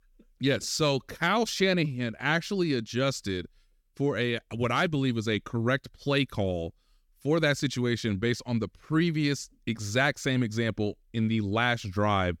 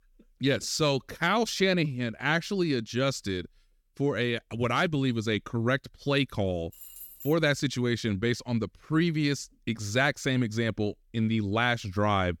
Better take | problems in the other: first | jangling keys; faint; at 6.5 s; peak 15 dB below the speech

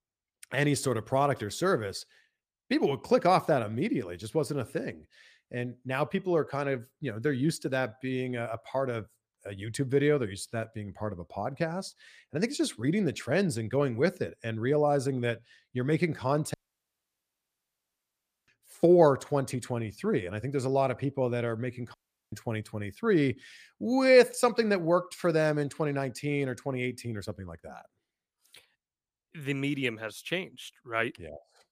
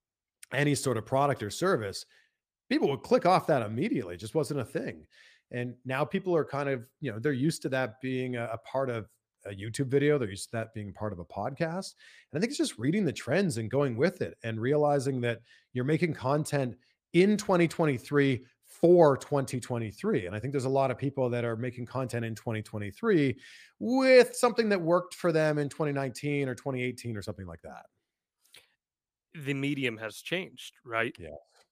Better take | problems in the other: second | audio cutting out; at 17 s for 2 s and at 22 s

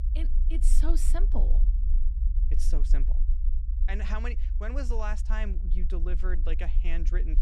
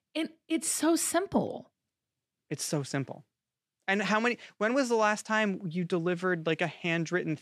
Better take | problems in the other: second | low rumble; noticeable; throughout; 10 dB below the speech

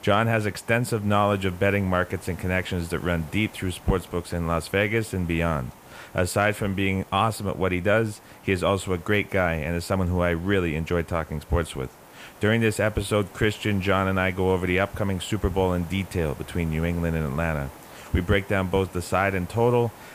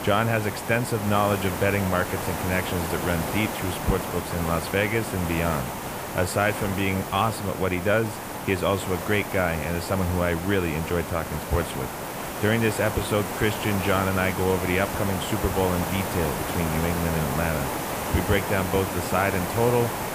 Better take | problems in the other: first | hiss; loud; throughout; 5 dB below the speech; faint in the first

